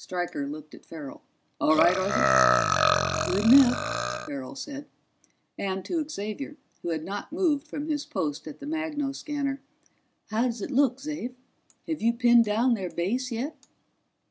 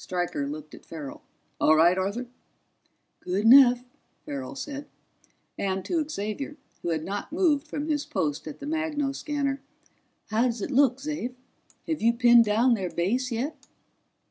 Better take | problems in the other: second | background sound (Burping, eructation); 2 dB above the speech

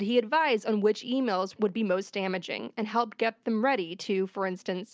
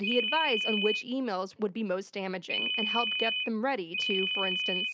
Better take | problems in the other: first | background sound (Ringtone); 1 dB above the speech

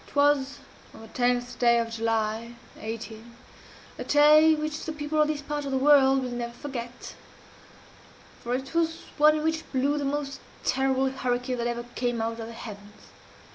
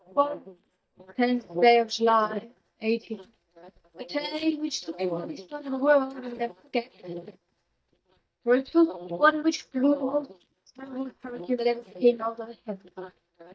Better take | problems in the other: first | noise reduction (neural mask model DeepFilterNet 3)

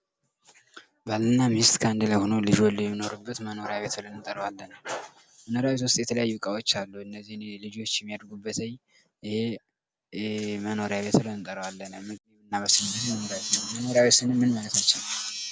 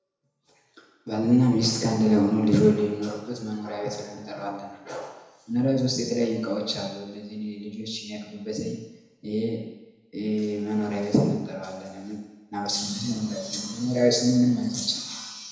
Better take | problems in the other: first | room echo; dies away in 1 s

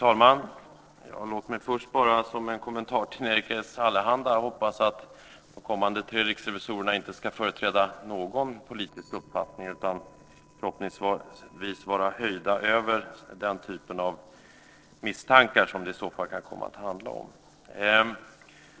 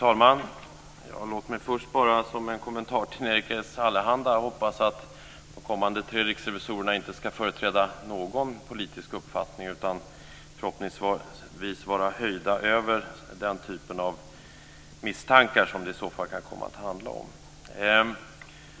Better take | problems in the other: second | noise reduction (neural separator model SepFormer DNS4)

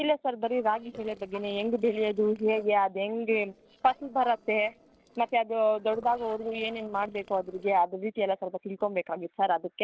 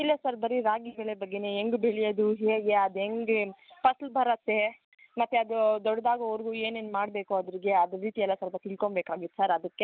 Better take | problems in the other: second | noise reduction (neural separator model SepFormer DNS4)

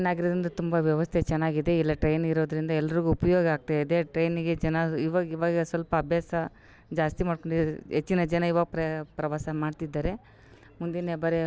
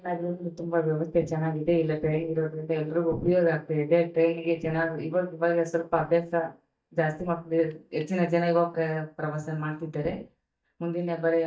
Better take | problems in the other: first | noise reduction (neural mask model DeepFilterNet 3)

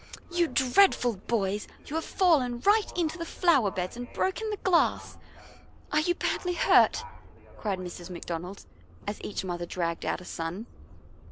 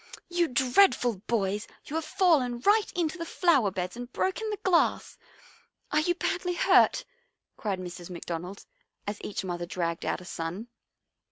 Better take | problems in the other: second | background sound (Subway, metro, underground + Livestock, farm animals, working animals); 18 dB below the speech

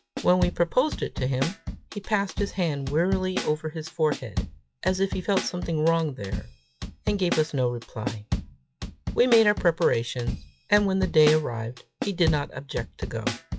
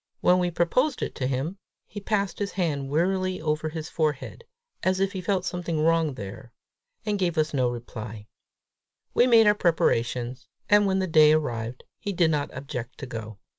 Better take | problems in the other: second | noise reduction (classical method log-MMSE)

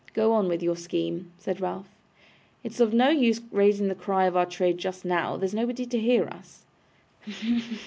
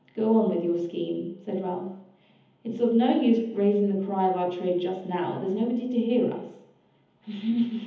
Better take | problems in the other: first | room echo; dies away in 1.3 s

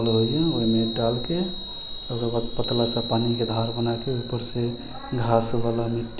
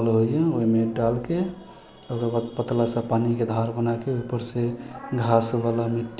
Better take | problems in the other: second | background sound (Chime); 6 dB below the speech

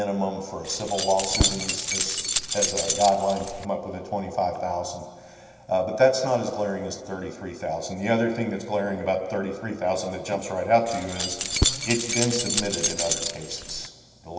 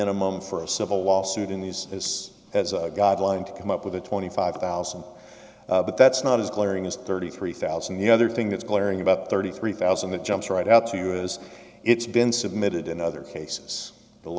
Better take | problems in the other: second | background sound (Keys jangling); as loud as the speech // room echo; dies away in 2.1 s

